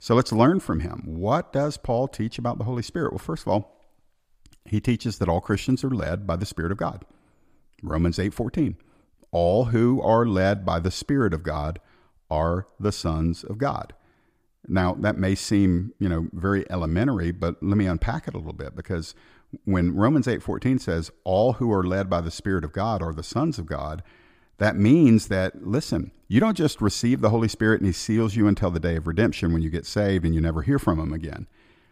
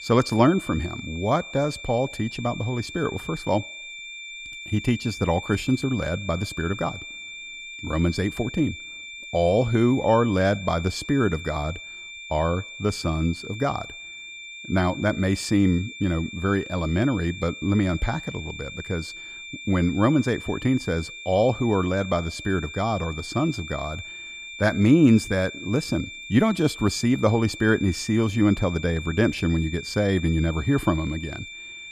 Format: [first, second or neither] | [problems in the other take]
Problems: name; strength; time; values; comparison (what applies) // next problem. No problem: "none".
first | high-pitched whine; noticeable; throughout; 2.5 kHz, 10 dB below the speech